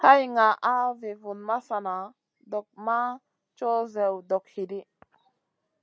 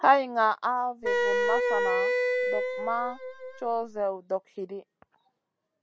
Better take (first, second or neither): first